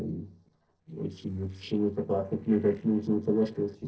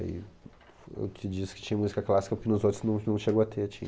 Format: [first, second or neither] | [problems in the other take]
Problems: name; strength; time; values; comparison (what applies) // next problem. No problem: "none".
second | noise reduction (neural separator model SepFormer DNS4)